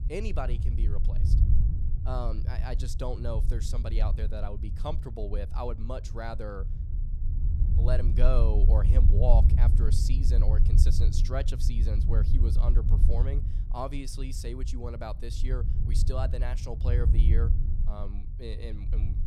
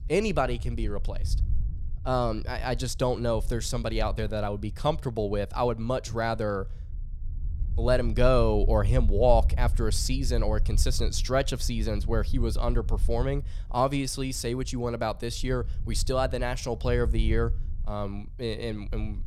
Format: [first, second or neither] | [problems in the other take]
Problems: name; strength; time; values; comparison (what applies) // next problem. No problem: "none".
second | low rumble; loud; throughout; 7 dB below the speech; faint in the second